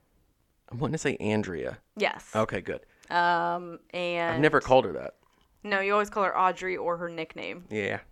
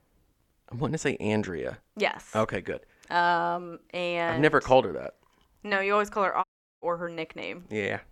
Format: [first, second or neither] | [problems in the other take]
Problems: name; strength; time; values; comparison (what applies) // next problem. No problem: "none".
first | audio cutting out; at 6.5 s